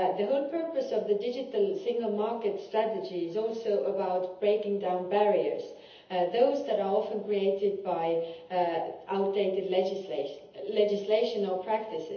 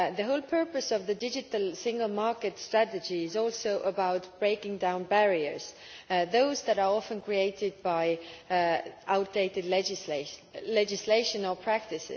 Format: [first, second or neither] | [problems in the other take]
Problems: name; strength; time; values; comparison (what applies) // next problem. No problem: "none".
second | room echo; dies away in 0.7 s